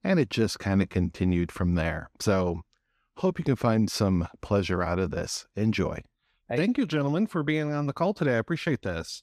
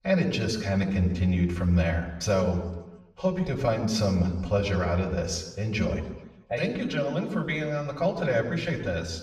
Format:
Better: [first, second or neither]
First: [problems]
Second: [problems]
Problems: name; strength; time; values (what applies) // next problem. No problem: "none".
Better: first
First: none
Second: room echo; slight; dies away in 1 s // off-mic speech; far